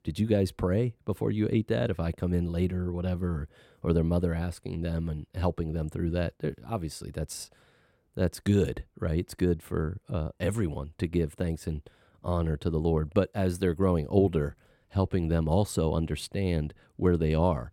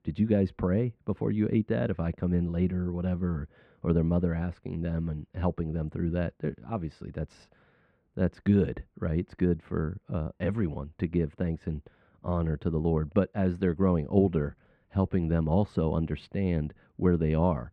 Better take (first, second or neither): first